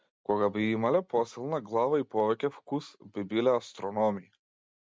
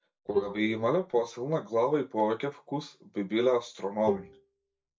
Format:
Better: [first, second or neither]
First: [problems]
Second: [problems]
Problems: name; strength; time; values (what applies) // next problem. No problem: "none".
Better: first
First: none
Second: noise reduction (neural mask model DeepFilterNet 3)